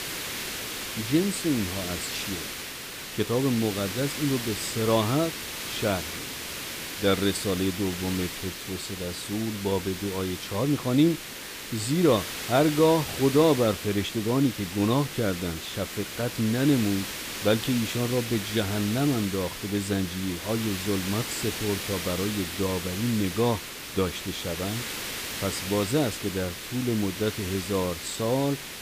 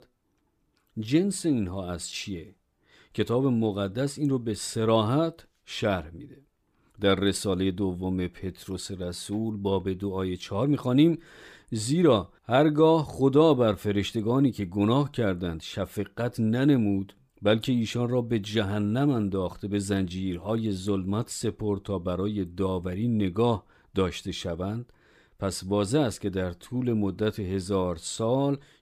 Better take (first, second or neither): second